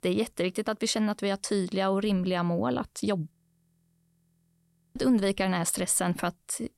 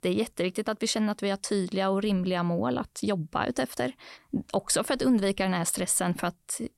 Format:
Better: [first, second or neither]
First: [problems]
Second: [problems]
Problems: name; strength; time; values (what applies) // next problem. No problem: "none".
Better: second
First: audio freezing; at 3.5 s for 1.5 s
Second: none